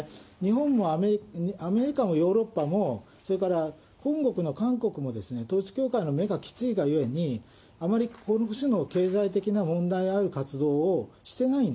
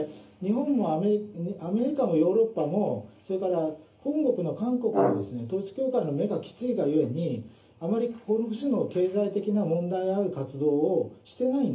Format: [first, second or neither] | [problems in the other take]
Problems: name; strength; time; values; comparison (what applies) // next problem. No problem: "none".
first | background sound (Brass instrument); 3 dB below the speech // room echo; dies away in 0.3 s